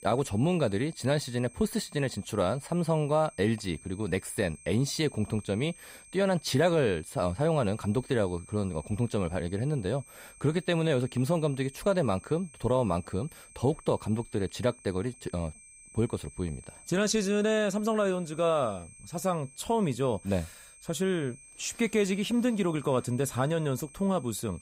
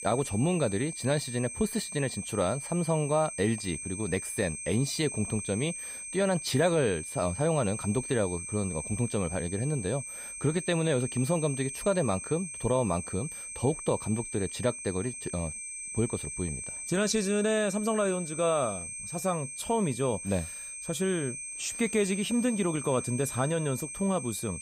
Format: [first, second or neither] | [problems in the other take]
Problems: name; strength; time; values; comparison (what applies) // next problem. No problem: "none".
first | high-pitched whine; loud; throughout; 8.5 kHz, 7 dB below the speech; faint in the first